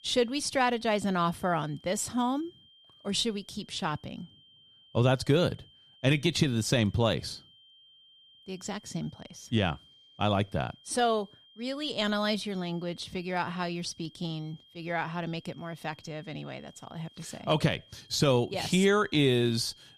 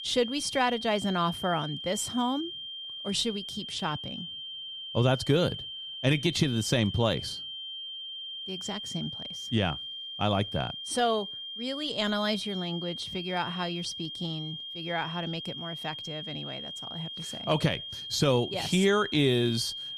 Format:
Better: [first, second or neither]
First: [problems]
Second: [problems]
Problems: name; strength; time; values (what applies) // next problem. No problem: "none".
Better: first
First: high-pitched whine; faint; throughout; 3 kHz, 25 dB below the speech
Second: high-pitched whine; loud; throughout; 3 kHz, 7 dB below the speech